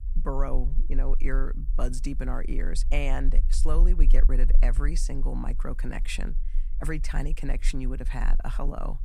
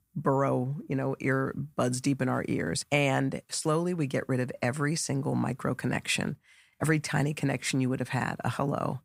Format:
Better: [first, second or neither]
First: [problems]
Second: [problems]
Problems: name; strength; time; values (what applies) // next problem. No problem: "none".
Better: second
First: low rumble; noticeable; throughout; 20 dB below the speech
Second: none